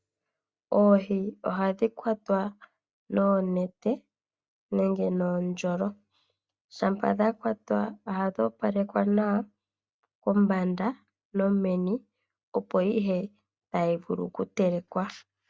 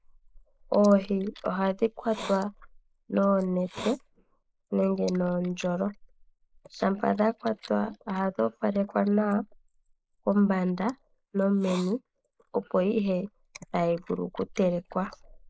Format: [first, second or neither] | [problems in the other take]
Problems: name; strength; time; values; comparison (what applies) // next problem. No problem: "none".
first | noise reduction (neural mask model Resemble Enhance denoiser)